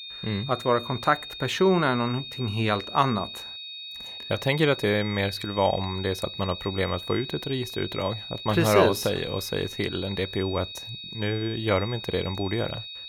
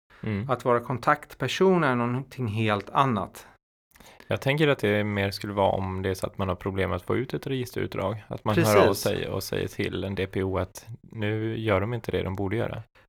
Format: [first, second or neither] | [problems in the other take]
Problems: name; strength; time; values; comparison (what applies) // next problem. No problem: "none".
second | high-pitched whine; loud; throughout; 4 kHz, 10 dB below the speech